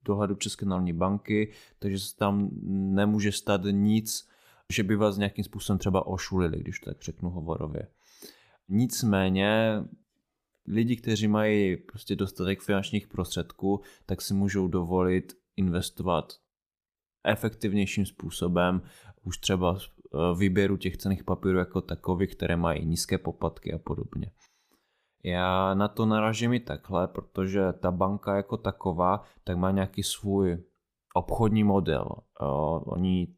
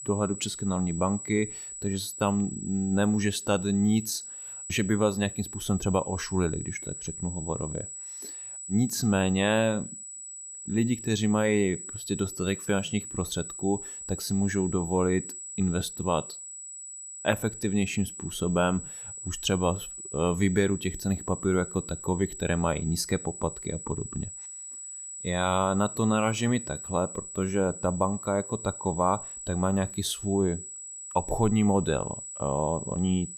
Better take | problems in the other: first | high-pitched whine; loud; throughout; 8 kHz, 9 dB below the speech

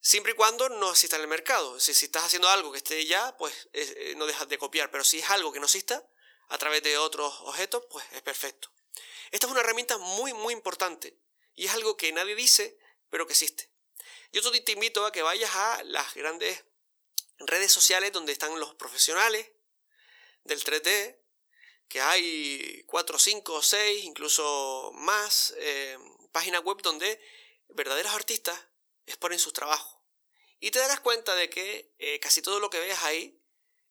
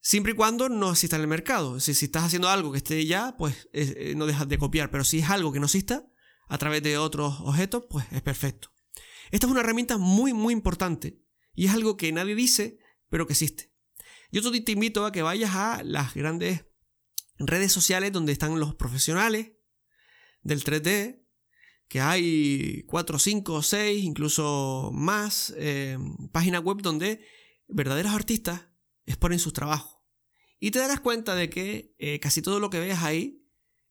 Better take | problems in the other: second | thin; very; fading below 450 Hz

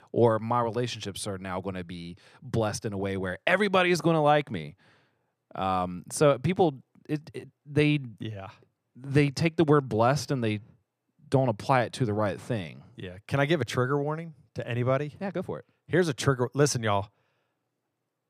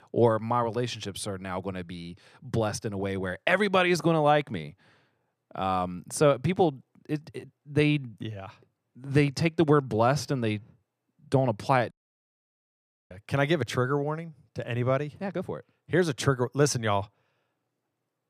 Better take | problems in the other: first | audio cutting out; at 12 s for 1 s

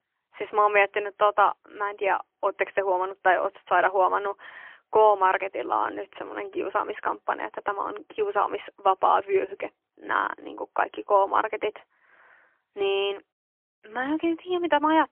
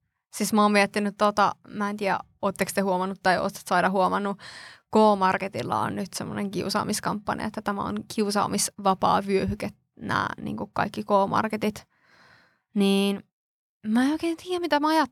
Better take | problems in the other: second | phone-call audio; poor line; nothing above 3 kHz

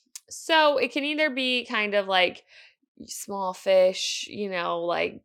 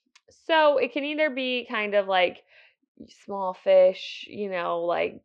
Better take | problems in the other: first | muffled; slightly; fading above 3 kHz

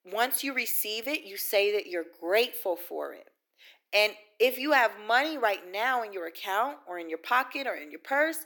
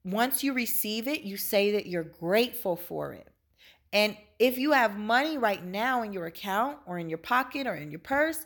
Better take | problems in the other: second | thin; somewhat; fading below 300 Hz

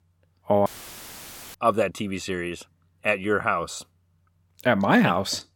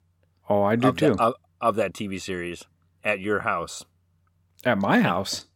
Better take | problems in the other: second | audio cutting out; filled with static; at 0.5 s for 1 s

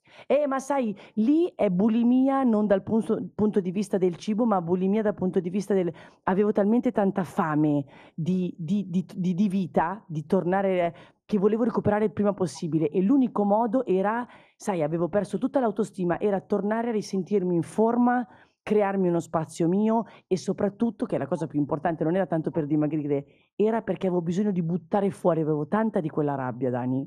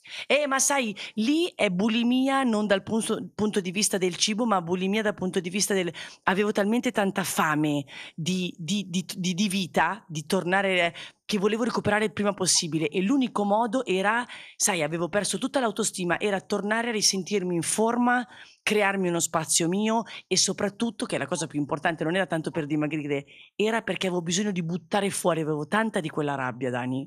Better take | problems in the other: second | muffled; very; fading above 1.5 kHz

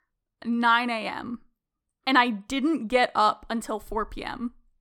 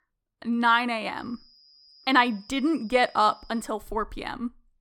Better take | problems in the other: first | high-pitched whine; faint; from 1 to 3.5 s; 5 kHz, 25 dB below the speech

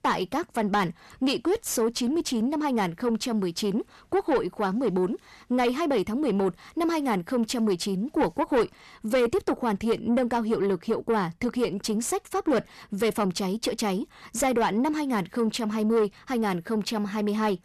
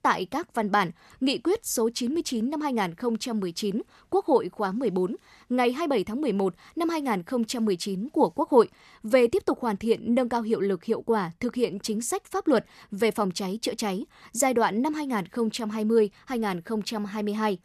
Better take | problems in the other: second | distortion; slight; 10 dB below the speech

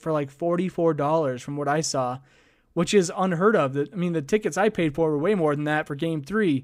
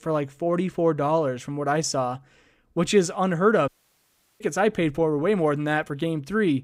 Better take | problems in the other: first | audio cutting out; at 3.5 s for 0.5 s

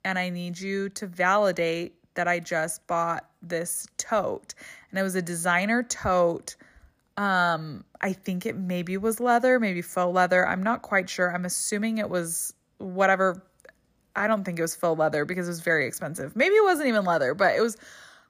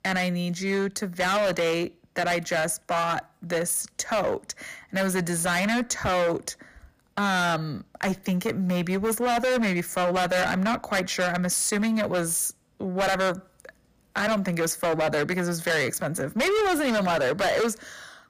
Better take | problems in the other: first | distortion; heavy; 20% of the sound clipped

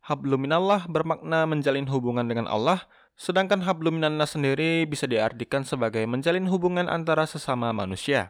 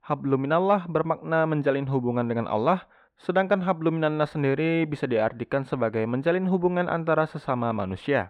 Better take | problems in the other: first | muffled; slightly; fading above 3.5 kHz

